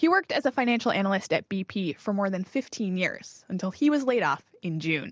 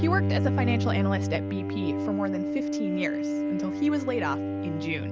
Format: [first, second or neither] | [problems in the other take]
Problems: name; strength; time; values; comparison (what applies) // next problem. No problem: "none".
first | background sound (Bowed string instrument); 3 dB above the speech